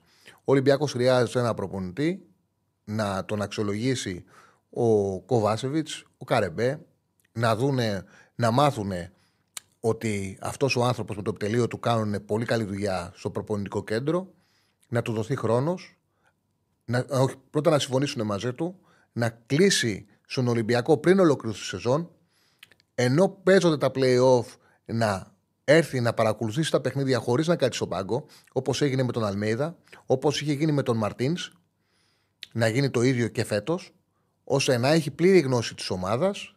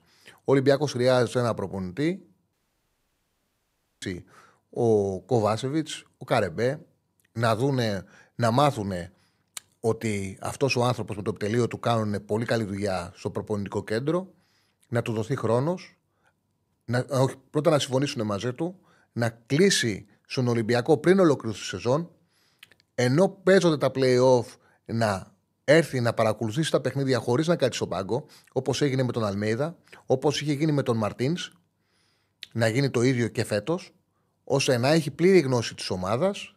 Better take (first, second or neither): first